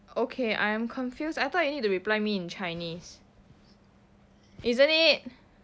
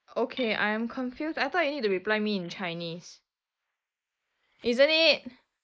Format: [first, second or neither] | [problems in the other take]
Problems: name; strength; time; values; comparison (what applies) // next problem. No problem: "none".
first | noise reduction (neural mask model Resemble Enhance denoiser)